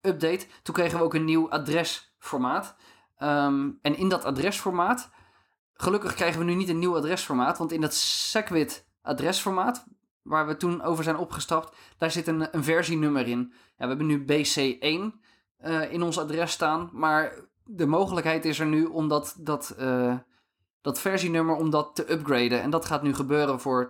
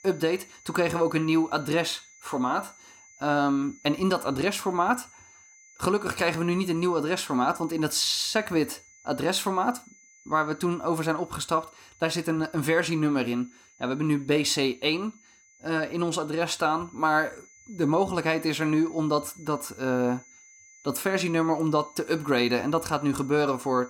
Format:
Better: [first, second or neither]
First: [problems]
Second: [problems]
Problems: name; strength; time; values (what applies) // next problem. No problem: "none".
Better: first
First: none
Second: high-pitched whine; faint; throughout; 6 kHz, 25 dB below the speech